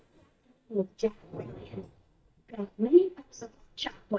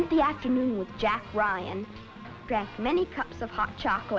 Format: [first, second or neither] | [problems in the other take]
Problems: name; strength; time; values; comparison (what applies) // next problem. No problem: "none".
second | noise reduction (neural mask model DeepFilterNet 3)